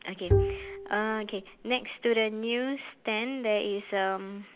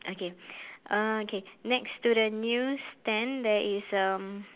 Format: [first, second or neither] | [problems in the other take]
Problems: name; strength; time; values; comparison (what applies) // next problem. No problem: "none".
second | background sound (Bowed string instrument); 1 dB above the speech